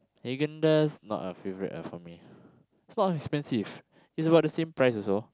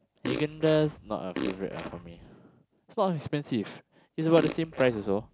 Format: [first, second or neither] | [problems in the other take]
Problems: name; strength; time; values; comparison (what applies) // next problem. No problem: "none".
first | background sound (Fart); 8 dB below the speech